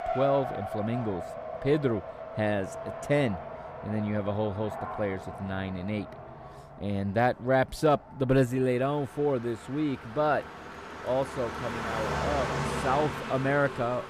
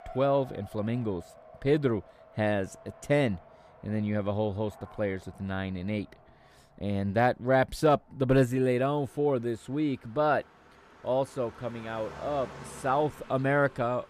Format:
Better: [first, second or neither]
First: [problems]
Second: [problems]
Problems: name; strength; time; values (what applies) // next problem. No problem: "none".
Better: second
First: traffic noise; loud; throughout; 7 dB below the speech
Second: traffic noise; faint; throughout; 20 dB below the speech